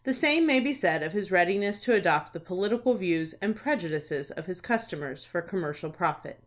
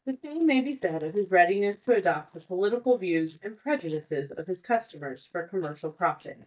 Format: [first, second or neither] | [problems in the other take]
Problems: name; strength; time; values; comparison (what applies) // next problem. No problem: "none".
first | noise reduction (neural mask model DeepFilterNet 3)